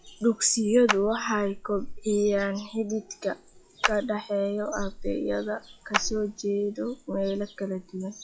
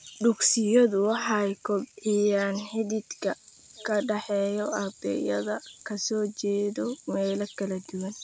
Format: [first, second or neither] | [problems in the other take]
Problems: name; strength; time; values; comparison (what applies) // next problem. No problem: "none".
second | noise reduction (classical method log-MMSE)